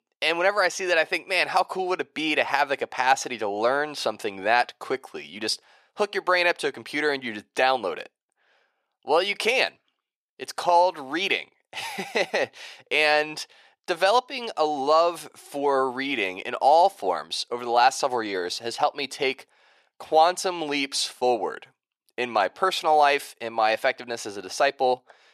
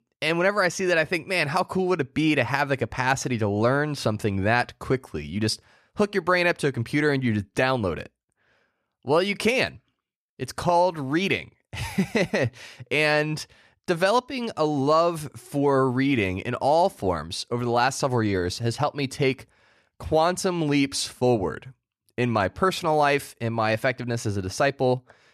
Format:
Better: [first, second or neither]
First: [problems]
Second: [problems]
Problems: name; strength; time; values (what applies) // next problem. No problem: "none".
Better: second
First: thin; somewhat; fading below 500 Hz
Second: none